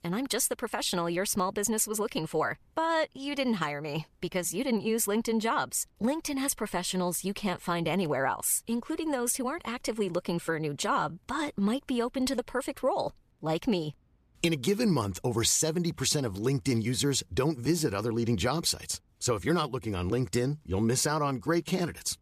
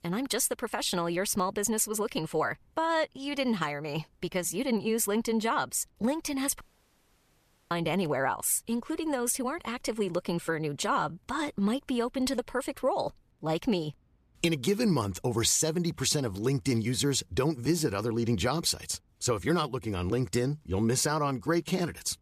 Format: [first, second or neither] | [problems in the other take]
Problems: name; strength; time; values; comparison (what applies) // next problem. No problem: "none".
first | audio cutting out; at 6.5 s for 1 s